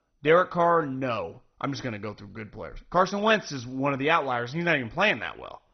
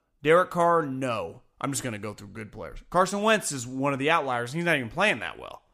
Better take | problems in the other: second | garbled, watery; badly; nothing above 6 kHz

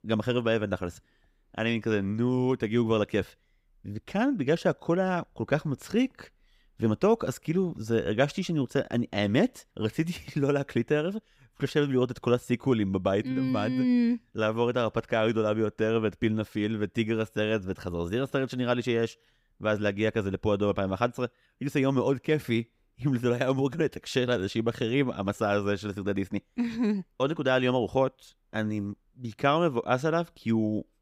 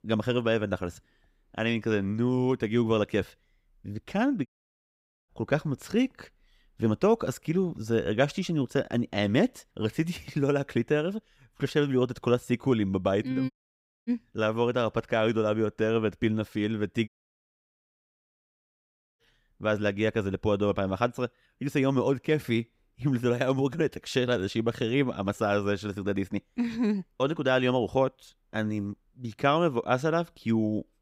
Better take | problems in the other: first | audio cutting out; at 4.5 s for 1 s, at 14 s for 0.5 s and at 17 s for 2 s

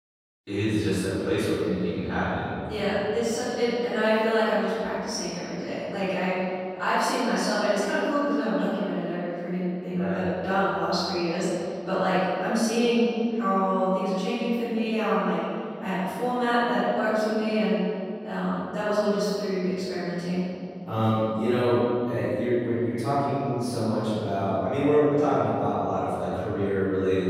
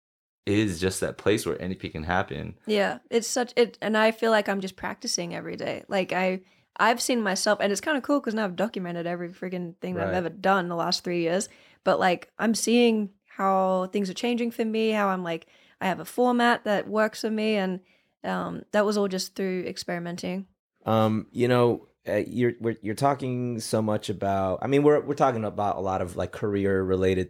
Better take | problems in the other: second | off-mic speech; far // room echo; strong; dies away in 2.6 s

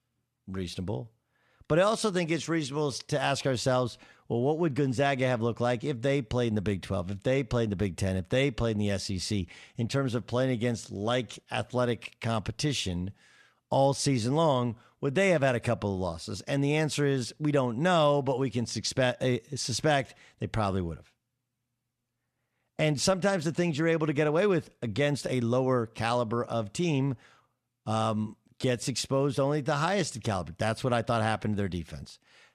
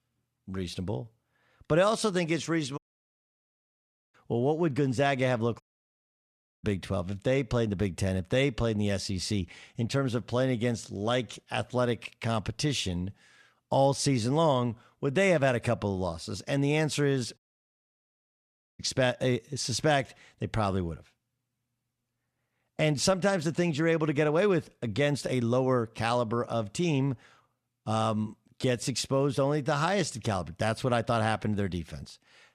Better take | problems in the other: first | audio cutting out; at 3 s for 1.5 s, at 5.5 s for 1 s and at 17 s for 1.5 s

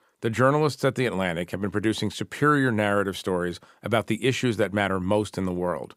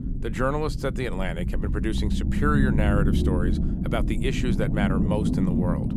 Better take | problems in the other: first | low rumble; loud; throughout; 4 dB below the speech

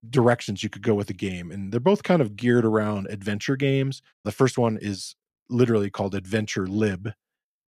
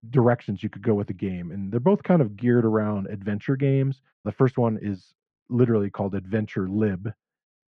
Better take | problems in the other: first | muffled; very; fading above 1.5 kHz

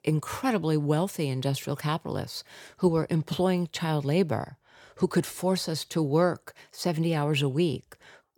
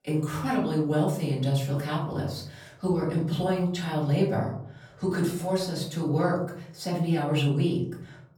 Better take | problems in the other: first | off-mic speech; far // room echo; slight; dies away in 0.6 s

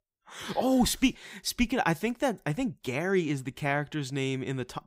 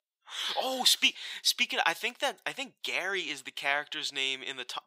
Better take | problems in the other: first | thin; very; fading below 750 Hz

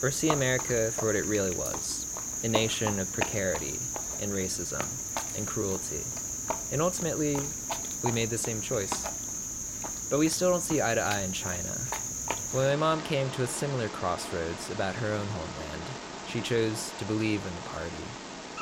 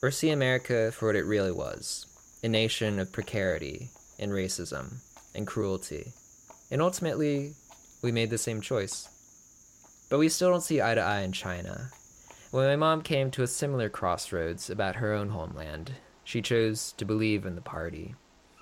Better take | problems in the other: second | animal sounds; loud; throughout; 2 dB below the speech; faint in the second

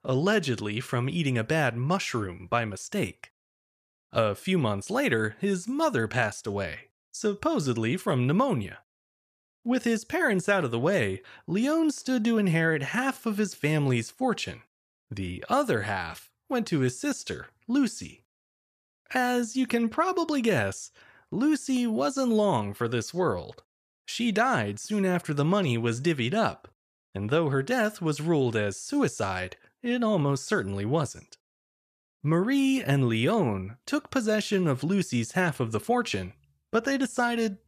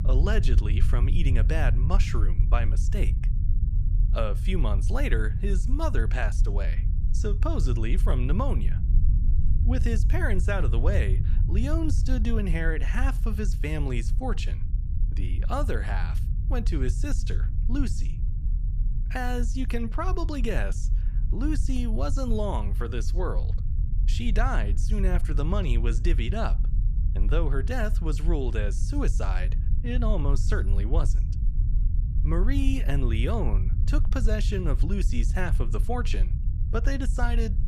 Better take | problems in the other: first | low rumble; noticeable; throughout; 10 dB below the speech

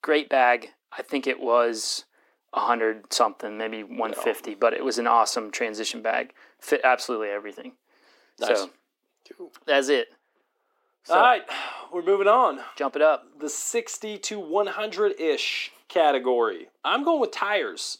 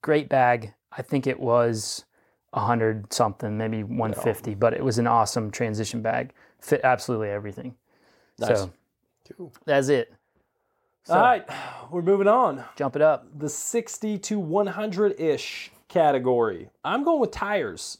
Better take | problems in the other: second | thin; somewhat; fading below 250 Hz

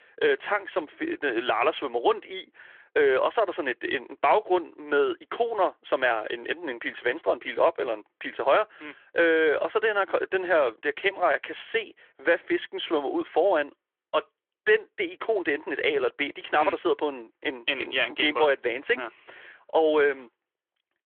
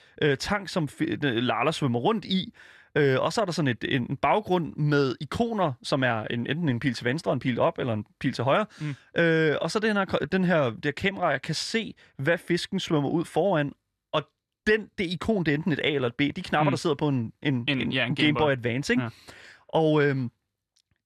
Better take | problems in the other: second | phone-call audio; nothing above 3.5 kHz

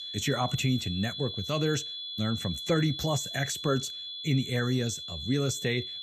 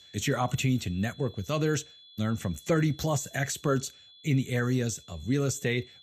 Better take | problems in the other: second | high-pitched whine; loud; throughout; 3.5 kHz, 6 dB below the speech; faint in the second

